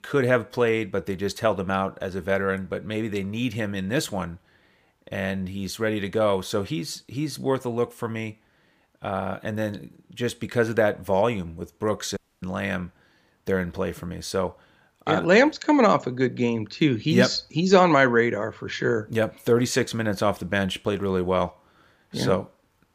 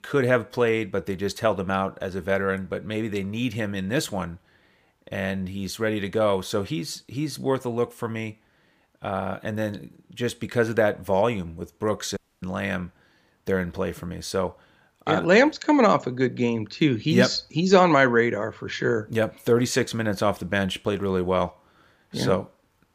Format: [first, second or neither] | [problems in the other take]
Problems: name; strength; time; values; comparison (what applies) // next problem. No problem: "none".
neither | audio cutting out; at 12 s; the same in both